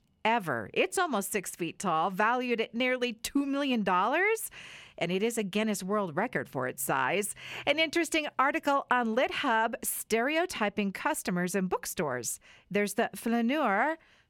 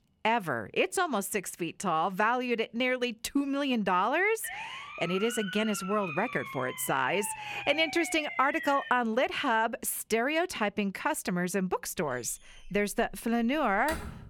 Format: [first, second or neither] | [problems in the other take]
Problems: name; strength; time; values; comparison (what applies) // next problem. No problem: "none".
first | siren; noticeable; from 4.5 to 9 s; peak 8 dB below the speech // door banging; noticeable; from 12 s on; peak 10 dB below the speech